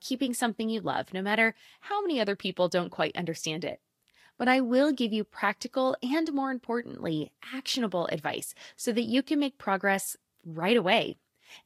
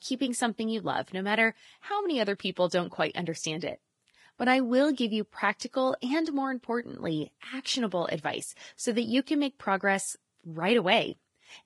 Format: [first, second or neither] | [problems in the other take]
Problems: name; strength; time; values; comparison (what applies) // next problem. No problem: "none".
first | garbled, watery; badly; nothing above 10.5 kHz; slightly in the first